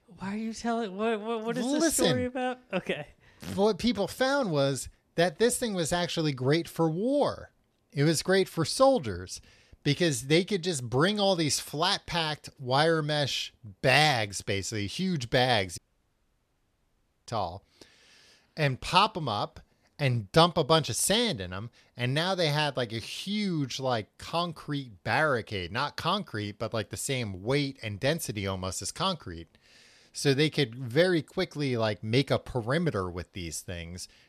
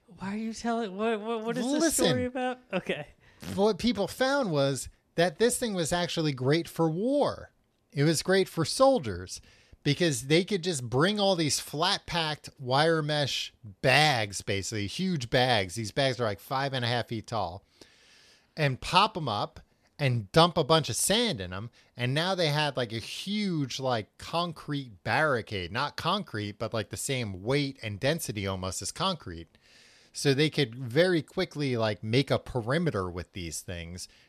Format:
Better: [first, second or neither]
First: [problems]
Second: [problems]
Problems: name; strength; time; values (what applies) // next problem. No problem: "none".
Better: second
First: audio cutting out; at 16 s for 1.5 s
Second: none